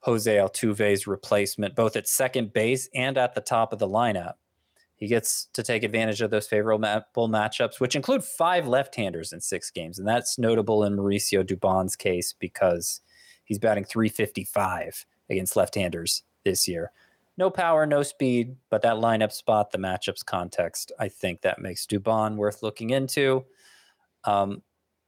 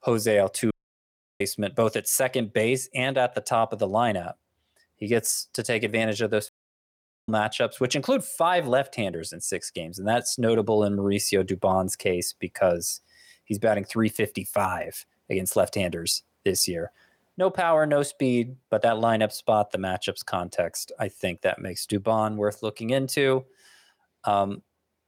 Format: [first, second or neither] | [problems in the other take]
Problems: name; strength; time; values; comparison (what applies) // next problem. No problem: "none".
first | audio cutting out; at 0.5 s for 0.5 s and at 6.5 s for 1 s